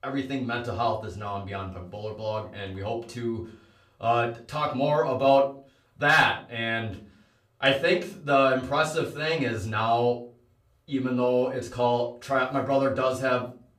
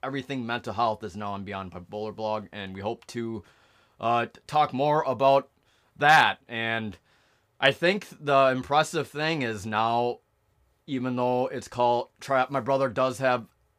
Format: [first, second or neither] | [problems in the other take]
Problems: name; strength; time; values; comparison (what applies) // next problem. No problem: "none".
second | off-mic speech; far // room echo; very slight; dies away in 0.3 s